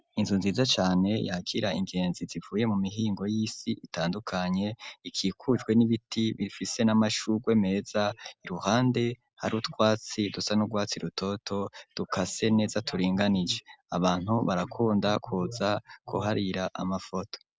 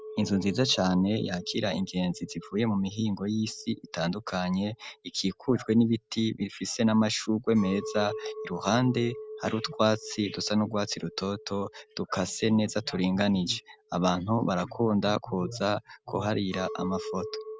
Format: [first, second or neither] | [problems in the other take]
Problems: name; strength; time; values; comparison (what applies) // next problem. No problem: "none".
first | background sound (Chink, clink); 16 dB below the speech